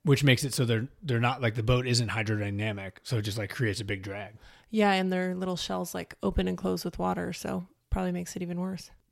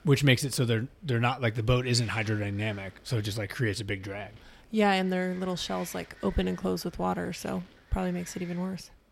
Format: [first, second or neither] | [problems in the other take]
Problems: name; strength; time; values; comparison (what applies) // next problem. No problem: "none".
first | wind noise on the microphone; occasional gusts; 20 dB below the speech